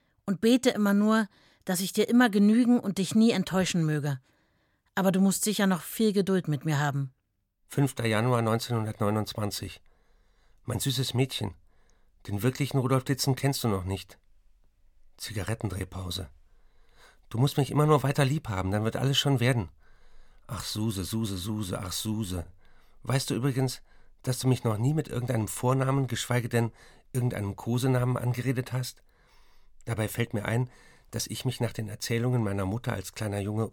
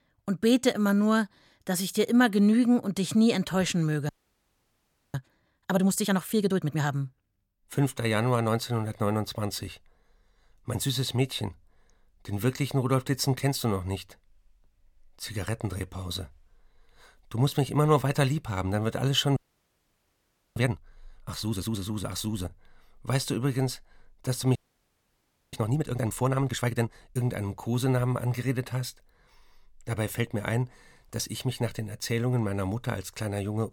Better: first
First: none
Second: audio freezing; at 4 s for 1 s, at 19 s for 1 s and at 25 s for 1 s

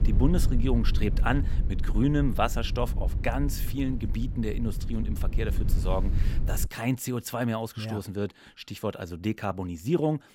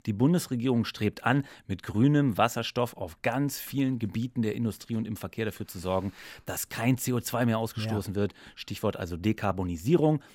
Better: second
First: low rumble; noticeable; until 6.5 s; 15 dB below the speech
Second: none

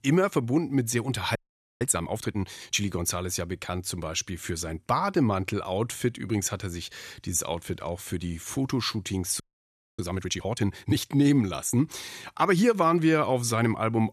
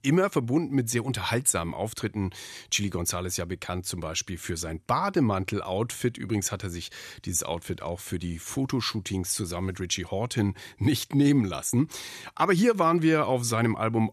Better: second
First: audio freezing; at 1.5 s and at 9.5 s for 0.5 s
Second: none

